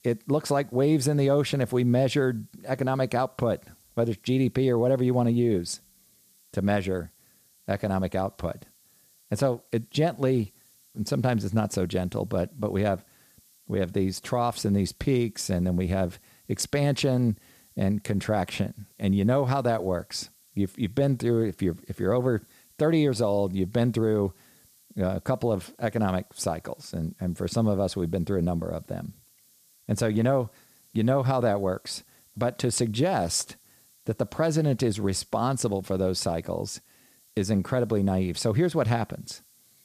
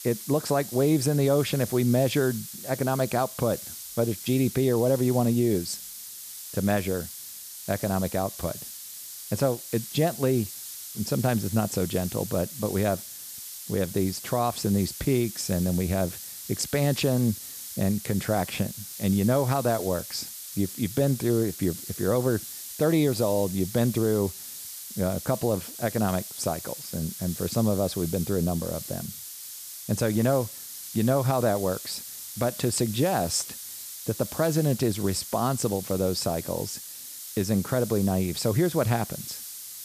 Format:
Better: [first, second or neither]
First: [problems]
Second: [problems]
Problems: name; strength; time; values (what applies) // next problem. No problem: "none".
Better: first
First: hiss; faint; throughout; 30 dB below the speech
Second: hiss; loud; throughout; 10 dB below the speech